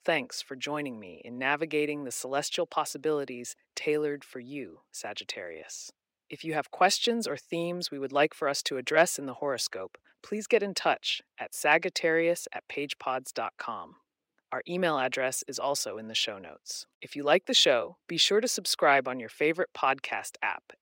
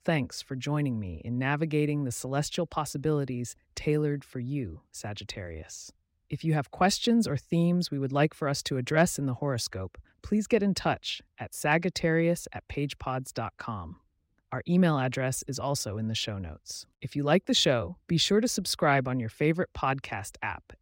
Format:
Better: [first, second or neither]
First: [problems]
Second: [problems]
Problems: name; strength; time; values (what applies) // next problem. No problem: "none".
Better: second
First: thin; somewhat; fading below 450 Hz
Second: none